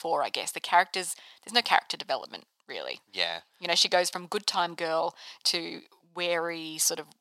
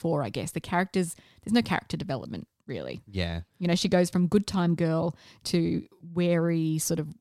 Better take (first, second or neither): second